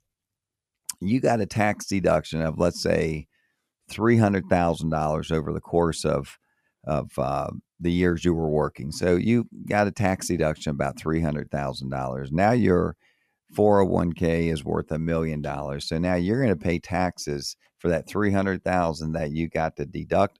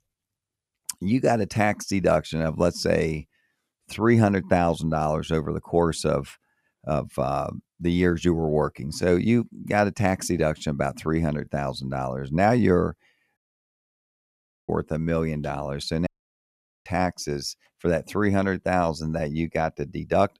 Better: first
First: none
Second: audio cutting out; at 13 s for 1.5 s and at 16 s for 1 s

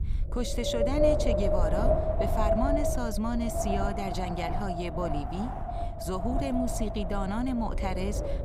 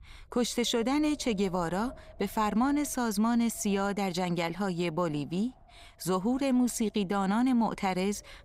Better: second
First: wind noise on the microphone; heavy; 4 dB above the speech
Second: wind noise on the microphone; occasional gusts; 25 dB below the speech

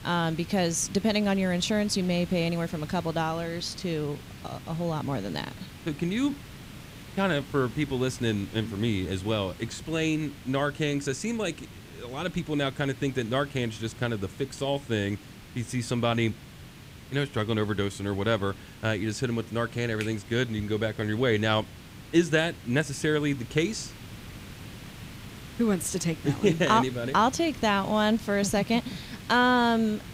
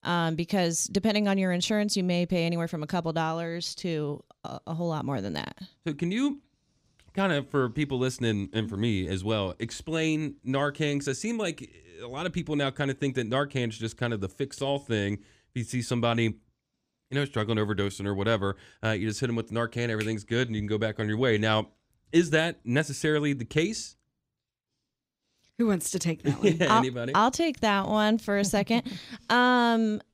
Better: second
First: hiss; noticeable; throughout; 15 dB below the speech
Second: none

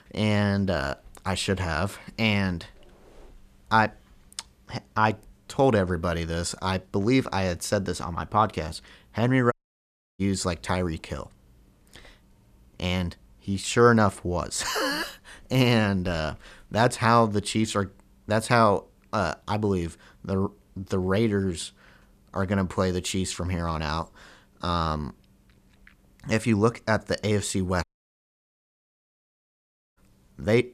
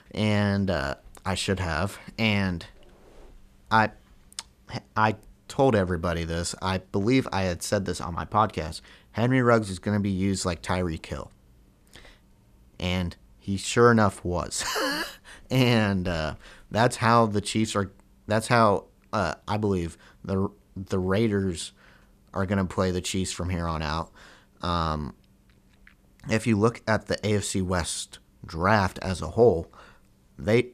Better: second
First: audio cutting out; at 9.5 s for 0.5 s and at 28 s for 2 s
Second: none

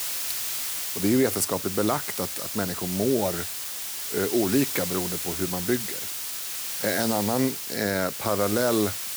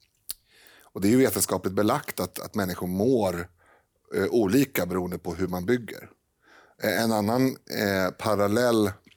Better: second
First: hiss; loud; throughout; 3 dB below the speech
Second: none

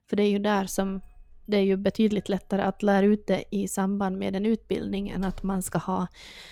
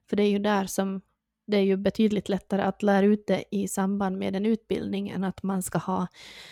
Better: second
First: traffic noise; faint; throughout; 30 dB below the speech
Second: none

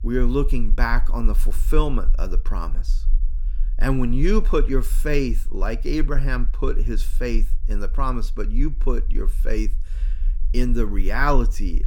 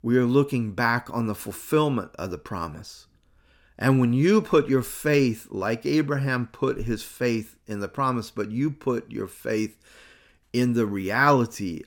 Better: second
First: low rumble; faint; throughout; 25 dB below the speech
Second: none

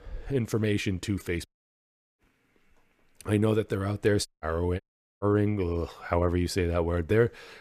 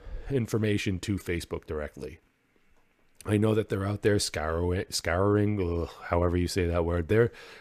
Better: second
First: audio cutting out; at 1.5 s for 0.5 s, at 4.5 s and at 5 s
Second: none

